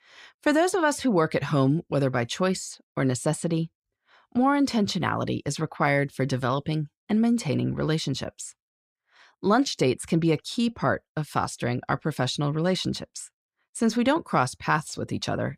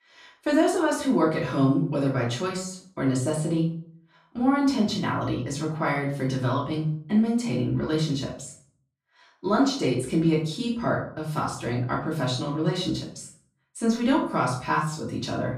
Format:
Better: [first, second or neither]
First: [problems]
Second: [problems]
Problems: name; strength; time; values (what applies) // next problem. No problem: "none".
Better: first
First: none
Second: off-mic speech; far // room echo; noticeable; dies away in 0.4 s